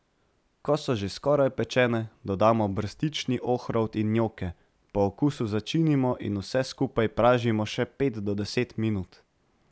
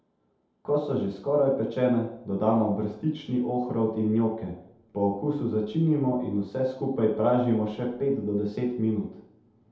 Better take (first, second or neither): first